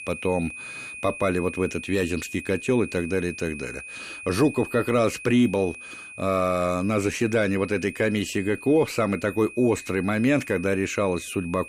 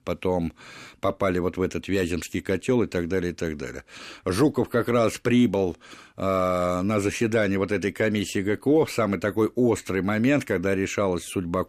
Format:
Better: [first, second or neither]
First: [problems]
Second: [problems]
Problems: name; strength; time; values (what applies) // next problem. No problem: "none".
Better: second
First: high-pitched whine; noticeable; throughout; 2.5 kHz, 15 dB below the speech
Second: none